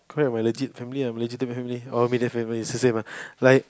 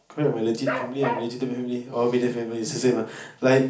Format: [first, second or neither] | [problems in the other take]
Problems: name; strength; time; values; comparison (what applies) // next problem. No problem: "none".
first | background sound (Bark); 6 dB below the speech // room echo; dies away in 0.4 s